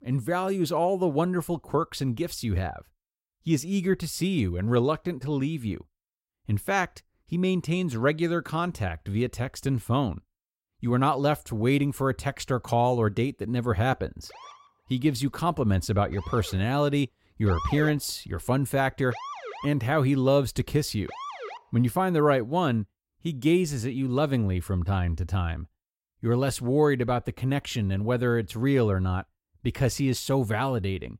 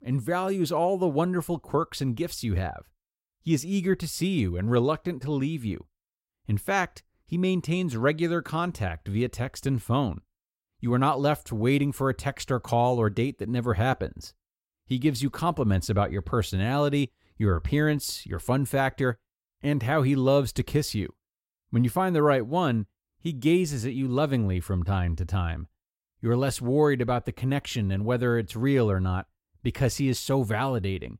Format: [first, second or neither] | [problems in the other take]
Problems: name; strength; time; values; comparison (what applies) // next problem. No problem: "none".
second | siren; noticeable; from 14 to 22 s; peak 7 dB below the speech